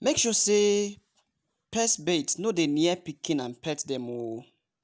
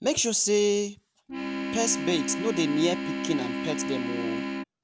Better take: first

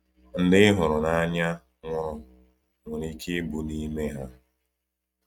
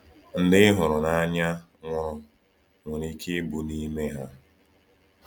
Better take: second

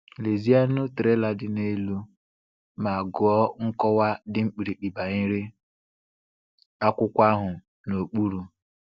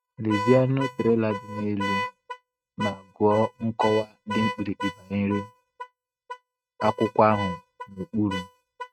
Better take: first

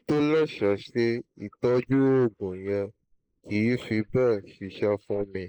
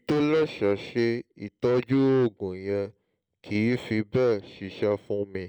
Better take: second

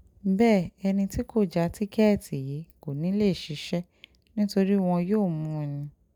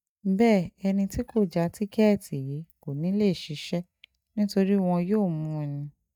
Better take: first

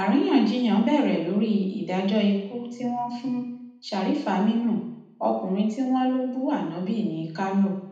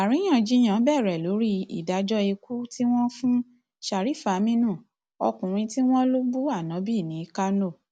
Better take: second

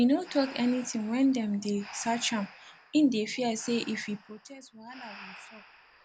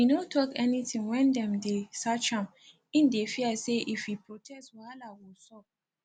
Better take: second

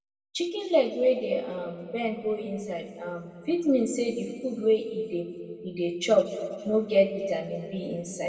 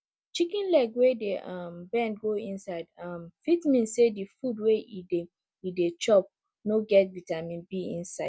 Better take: second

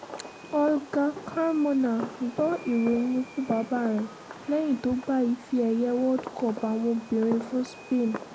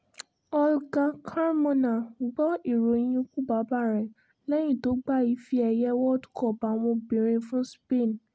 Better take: second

